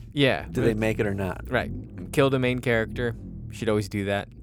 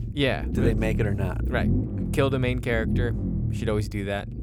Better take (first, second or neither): first